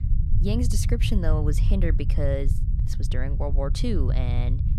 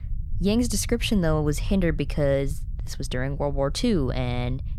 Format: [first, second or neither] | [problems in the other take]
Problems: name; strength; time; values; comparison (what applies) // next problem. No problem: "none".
second | low rumble; loud; throughout; 9 dB below the speech; faint in the second